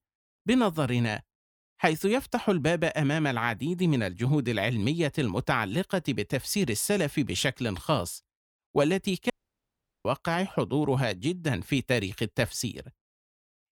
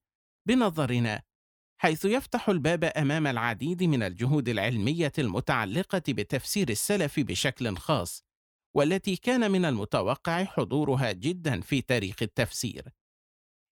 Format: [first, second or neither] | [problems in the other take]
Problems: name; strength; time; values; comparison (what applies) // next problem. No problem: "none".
second | audio cutting out; at 9.5 s for 1 s